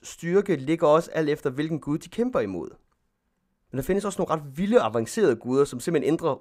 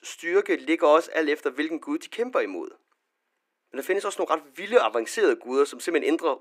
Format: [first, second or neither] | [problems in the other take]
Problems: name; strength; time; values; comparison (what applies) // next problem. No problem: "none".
first | thin; somewhat; fading below 300 Hz